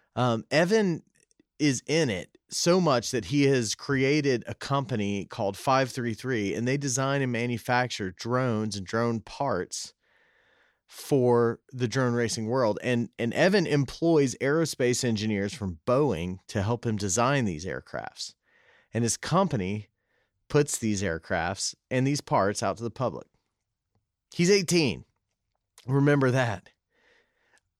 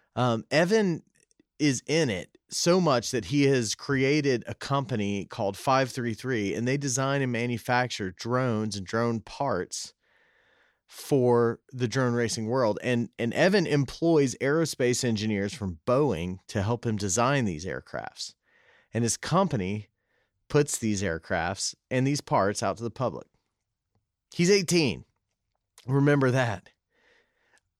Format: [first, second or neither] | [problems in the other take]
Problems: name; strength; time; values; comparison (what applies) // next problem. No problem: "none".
neither | none